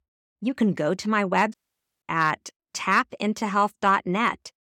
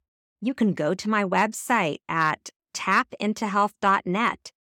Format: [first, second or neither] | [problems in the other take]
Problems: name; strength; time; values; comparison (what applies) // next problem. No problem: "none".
second | audio cutting out; at 1.5 s